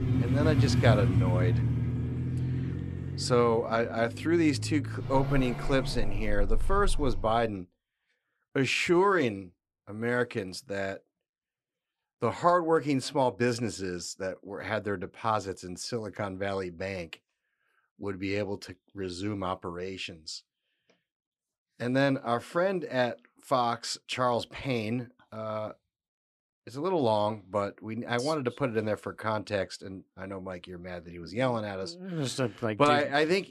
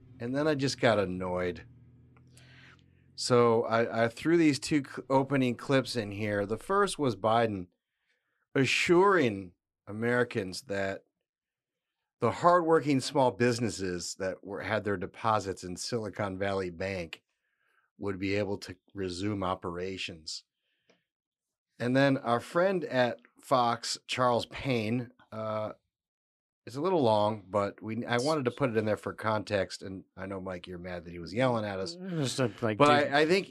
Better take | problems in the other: second | traffic noise; loud; until 7 s; 1 dB below the speech; faint in the second

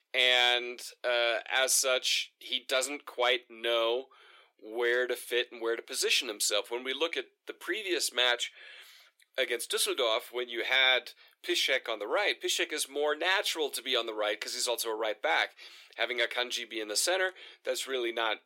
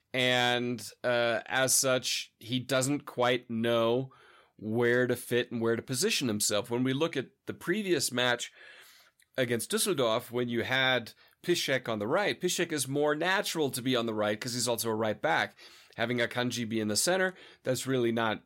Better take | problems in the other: second | thin; very; fading below 350 Hz

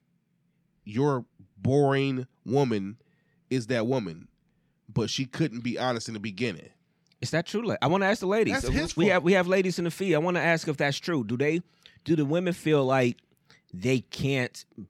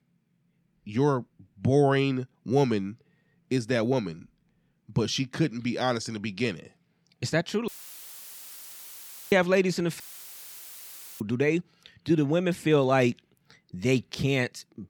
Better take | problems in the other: first | audio cutting out; filled with static; at 7.5 s for 1.5 s and at 10 s for 1 s

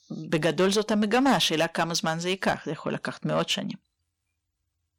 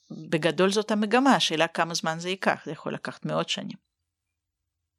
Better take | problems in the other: second | distortion; slight; 10 dB below the speech

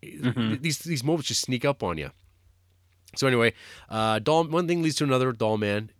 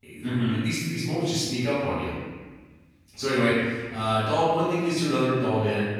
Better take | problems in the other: first | off-mic speech; far // room echo; strong; dies away in 1.3 s

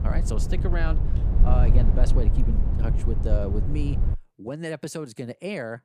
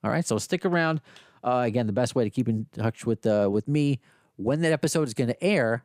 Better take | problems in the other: second | low rumble; loud; until 4 s; 5 dB below the speech

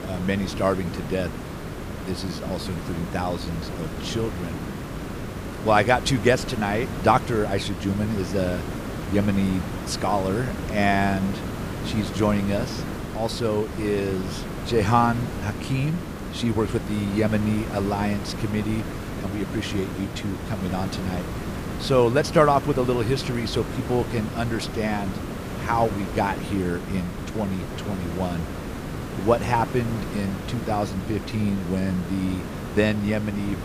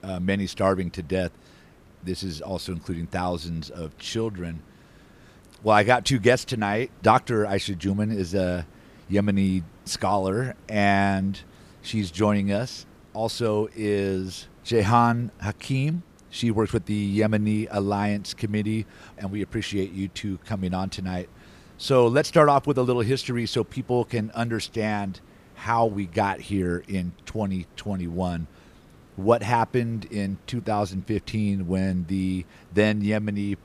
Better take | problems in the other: second | hiss; loud; throughout; 7 dB below the speech; faint in the second

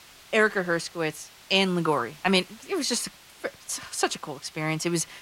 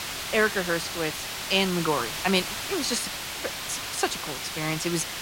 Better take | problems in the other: first | hiss; loud; throughout; 4 dB below the speech; faint in the first

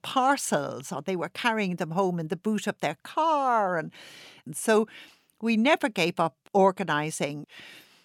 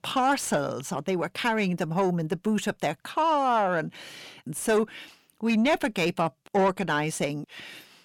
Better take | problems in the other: first | distortion; slight; 10 dB below the speech

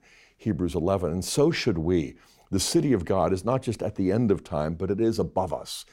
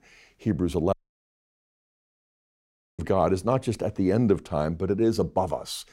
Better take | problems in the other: first | audio cutting out; at 1 s for 2 s

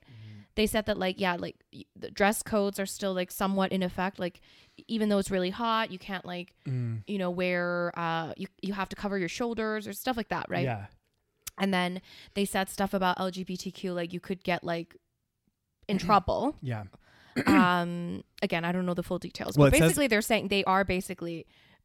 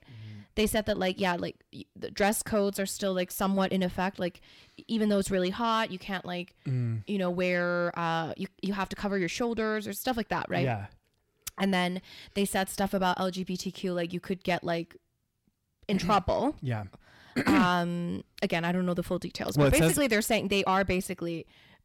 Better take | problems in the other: first | distortion; slight; 10 dB below the speech

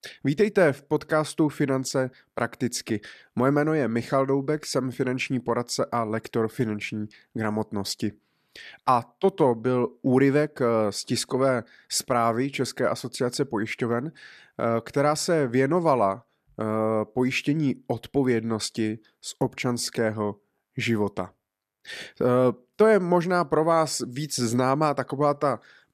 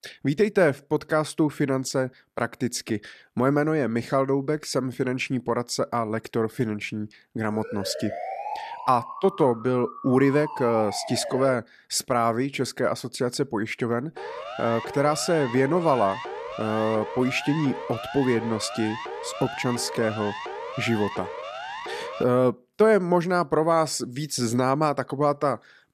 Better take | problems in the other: first | siren; noticeable; from 7.5 to 12 s and from 14 to 22 s; peak 7 dB below the speech

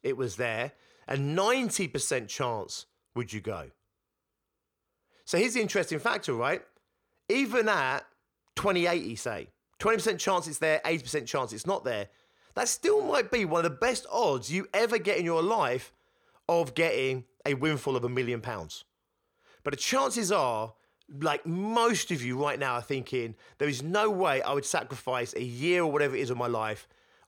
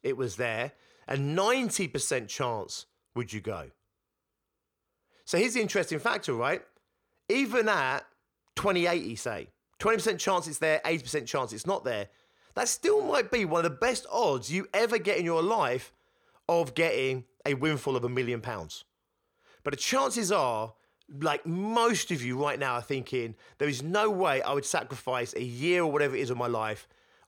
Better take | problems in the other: neither | none

